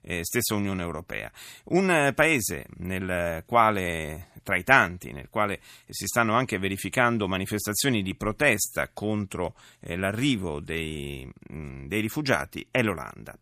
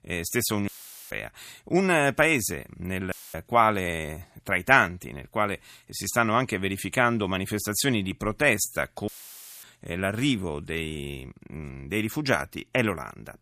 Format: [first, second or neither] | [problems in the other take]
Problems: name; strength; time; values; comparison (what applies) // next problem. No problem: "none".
first | audio cutting out; filled with static; at 0.5 s, at 3 s and at 9 s for 0.5 s